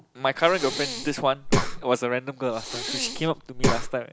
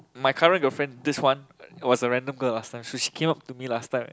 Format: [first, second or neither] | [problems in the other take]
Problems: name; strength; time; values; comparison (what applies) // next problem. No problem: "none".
second | background sound (Breathing); as loud as the speech